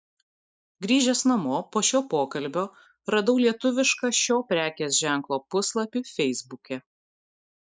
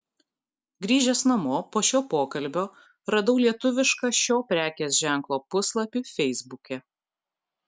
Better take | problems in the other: second | noise reduction (neural mask model Resemble Enhance denoiser)

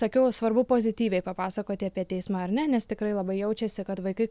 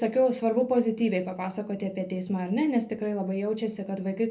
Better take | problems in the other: first | room echo; dies away in 0.3 s

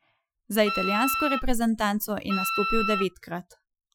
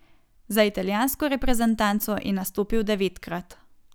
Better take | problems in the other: second | noise reduction (classical method Wiener filter)

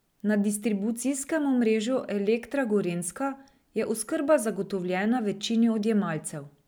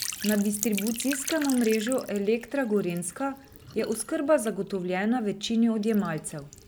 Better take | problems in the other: first | background sound (Trickle, dribble / Sink (filling or washing)); 13 dB below the speech

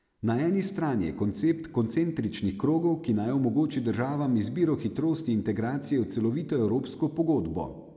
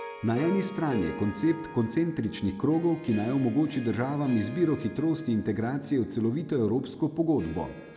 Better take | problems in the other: first | background sound (Harp); 16 dB below the speech

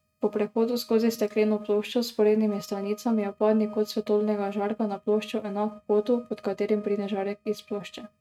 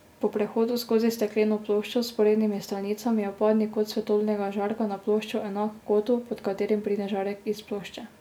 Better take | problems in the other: second | noise reduction (neural mask model RNNoise)

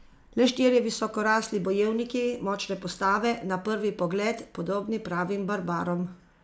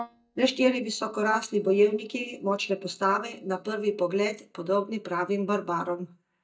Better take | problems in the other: first | noise reduction (neural mask model DeepFilterNet 3)

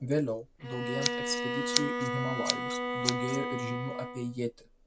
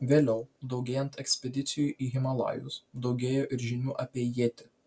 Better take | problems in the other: second | background sound (Scissors + Bowed string instrument); 1 dB above the speech

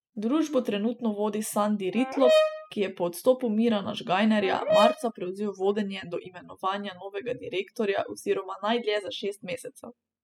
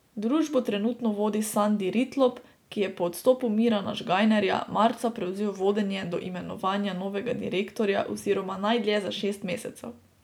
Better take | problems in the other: second | noise reduction (classical method spectral subtraction)

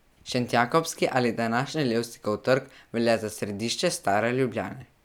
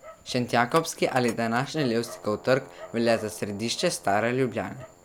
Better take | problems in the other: first | background sound (Dog); 18 dB below the speech

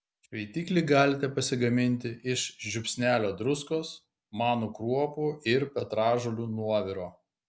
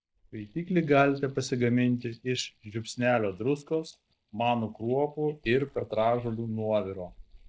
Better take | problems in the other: first | noise reduction (neural mask model DeepFilterNet 3)

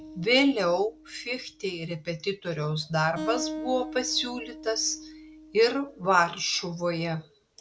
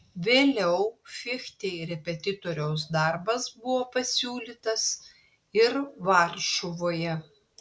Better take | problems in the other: second | background sound (Acoustic guitar); 14 dB below the speech

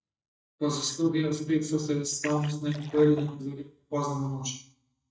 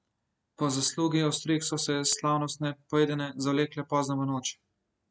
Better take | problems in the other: second | noise reduction (neural mask model DeepFilterNet 3)

